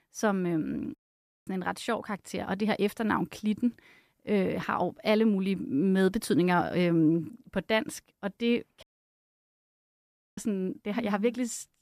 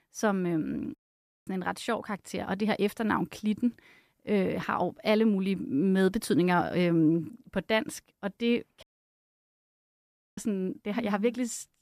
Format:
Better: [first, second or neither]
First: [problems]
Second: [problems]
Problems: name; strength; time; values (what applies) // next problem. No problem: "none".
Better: neither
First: audio cutting out; at 1 s for 0.5 s and at 9 s for 1.5 s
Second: audio cutting out; at 1 s for 0.5 s and at 9 s for 1.5 s